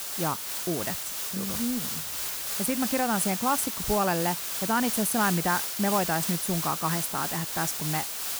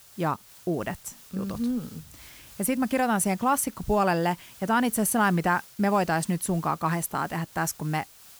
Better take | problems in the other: second | hiss; loud; throughout; 1 dB below the speech; faint in the second

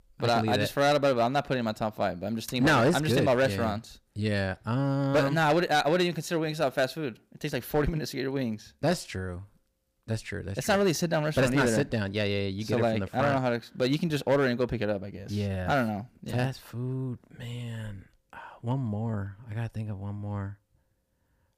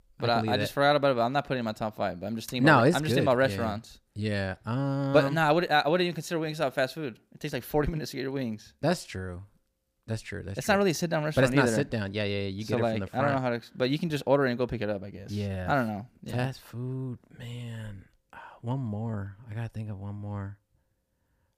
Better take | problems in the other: second | distortion; slight; 3% of the sound clipped

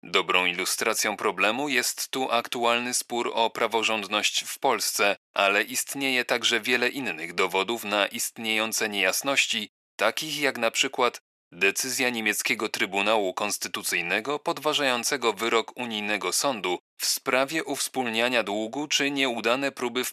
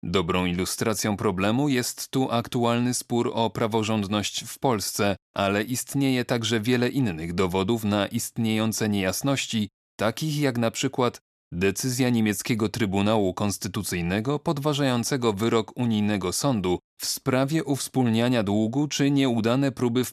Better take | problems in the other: second | thin; somewhat; fading below 500 Hz

